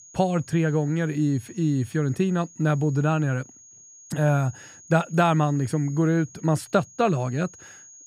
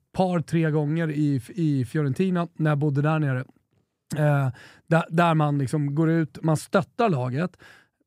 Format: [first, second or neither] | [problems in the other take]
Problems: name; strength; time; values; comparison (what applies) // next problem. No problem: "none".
second | high-pitched whine; faint; throughout; 6.5 kHz, 20 dB below the speech